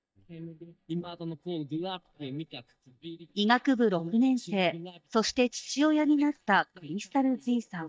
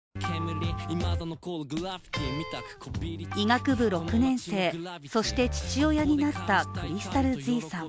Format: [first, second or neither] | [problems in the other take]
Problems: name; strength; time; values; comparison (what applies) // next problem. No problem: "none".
second | noise reduction (neural mask model DeepFilterNet 3)